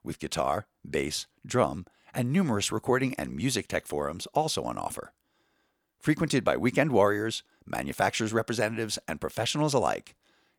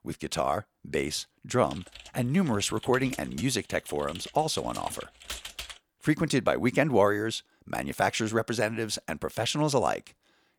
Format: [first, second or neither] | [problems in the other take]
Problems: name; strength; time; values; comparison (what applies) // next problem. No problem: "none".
first | keyboard typing; noticeable; from 1.5 to 6 s; peak 8 dB below the speech